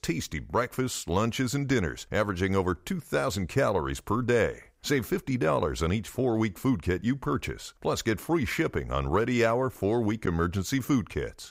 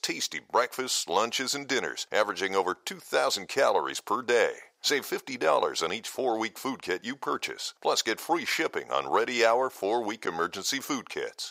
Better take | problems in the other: first | thin; very; fading below 500 Hz

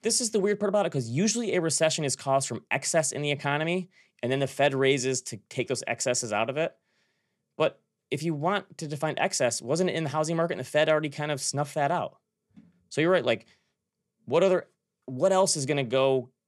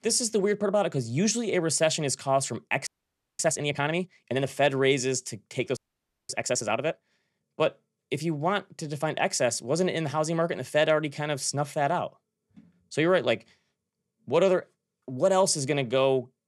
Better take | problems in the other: first | audio freezing; at 3 s for 0.5 s and at 6 s for 0.5 s

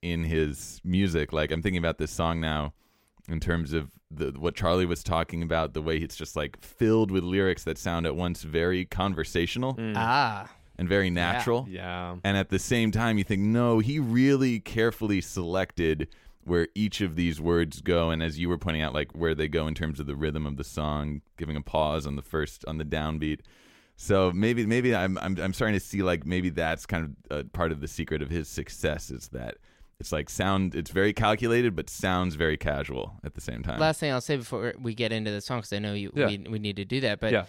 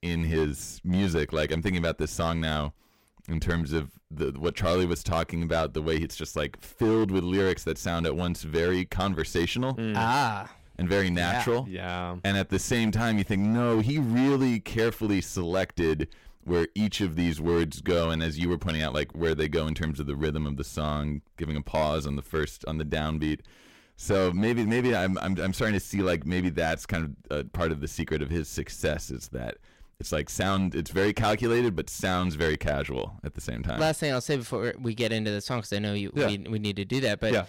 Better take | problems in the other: first | distortion; slight; 7% of the sound clipped

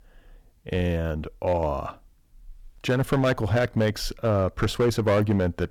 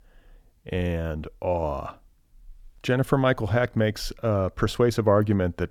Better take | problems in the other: second | distortion; slight; 5% of the sound clipped

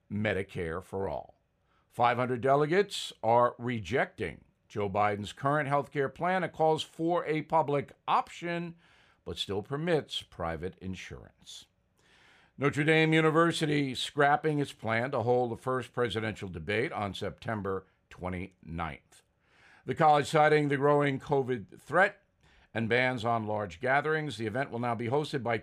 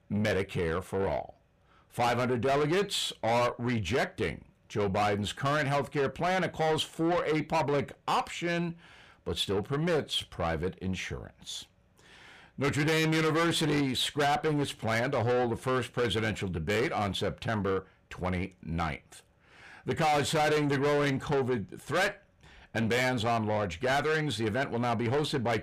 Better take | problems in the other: first | distortion; heavy; 6 dB below the speech

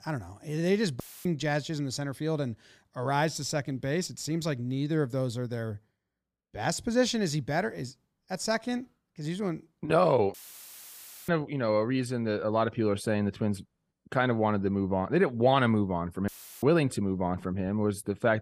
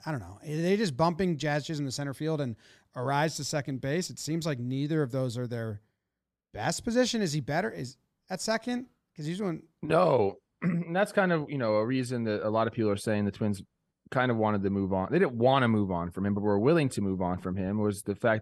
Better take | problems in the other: second | audio cutting out; filled with static; at 1 s, at 10 s for 1 s and at 16 s

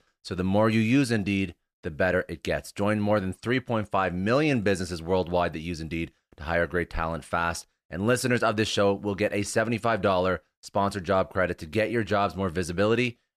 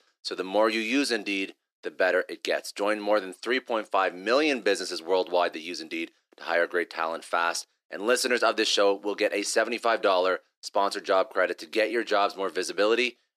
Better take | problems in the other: first | thin; somewhat; fading below 300 Hz

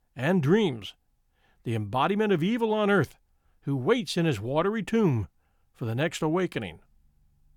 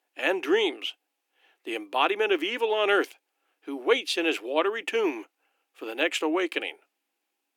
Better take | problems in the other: first | thin; very; fading below 300 Hz

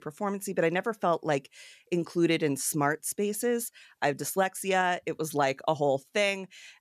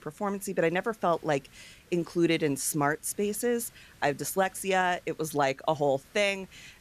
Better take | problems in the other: first | hiss; faint; throughout; 30 dB below the speech

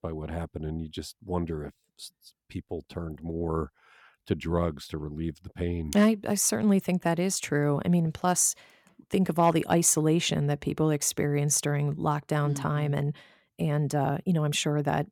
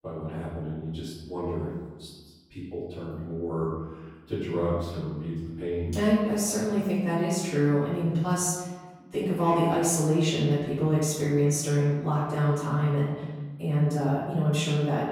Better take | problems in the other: first | off-mic speech; far // room echo; noticeable; dies away in 1.2 s

